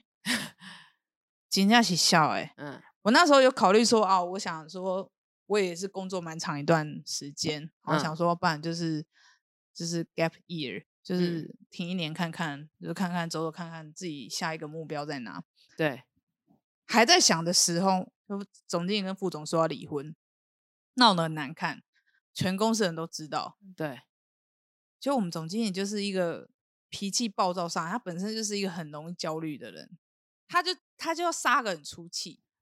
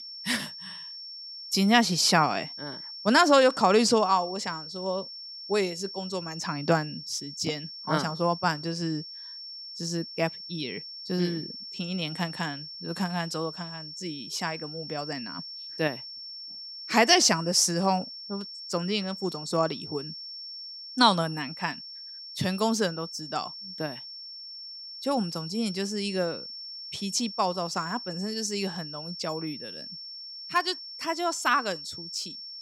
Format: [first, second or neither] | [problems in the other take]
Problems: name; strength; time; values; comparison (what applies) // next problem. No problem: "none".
first | high-pitched whine; noticeable; throughout; 5.5 kHz, 10 dB below the speech